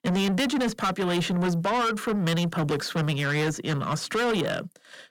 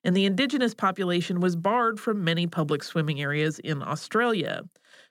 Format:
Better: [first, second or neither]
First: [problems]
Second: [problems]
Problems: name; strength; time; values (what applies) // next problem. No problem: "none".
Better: second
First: distortion; heavy; 7 dB below the speech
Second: none